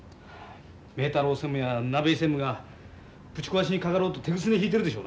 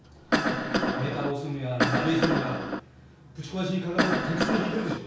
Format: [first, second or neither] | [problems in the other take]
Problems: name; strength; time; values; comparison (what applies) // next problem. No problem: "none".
first | background sound (Cough); 3 dB above the speech // room echo; dies away in 0.6 s